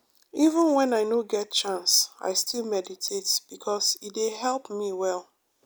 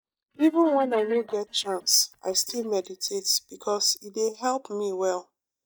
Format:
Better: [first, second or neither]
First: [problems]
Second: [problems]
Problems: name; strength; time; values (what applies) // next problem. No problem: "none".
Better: first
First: none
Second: noise reduction (neural mask model DeepFilterNet 3)